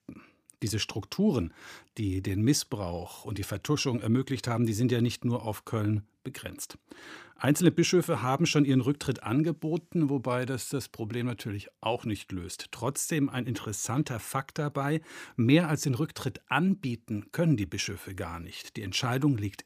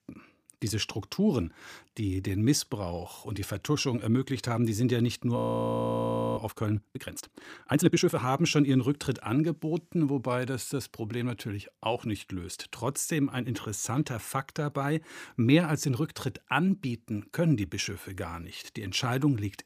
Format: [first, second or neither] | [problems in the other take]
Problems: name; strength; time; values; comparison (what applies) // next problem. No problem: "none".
first | audio freezing; at 5.5 s for 1 s